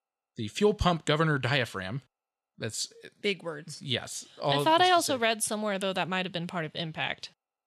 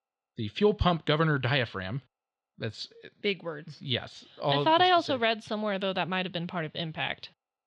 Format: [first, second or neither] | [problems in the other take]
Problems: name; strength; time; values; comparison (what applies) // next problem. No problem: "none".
first | muffled; very slightly; fading above 4 kHz